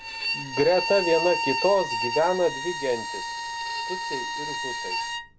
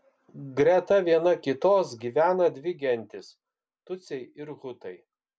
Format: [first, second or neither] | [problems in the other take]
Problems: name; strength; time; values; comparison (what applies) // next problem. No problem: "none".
second | background sound (Bowed string instrument); 3 dB below the speech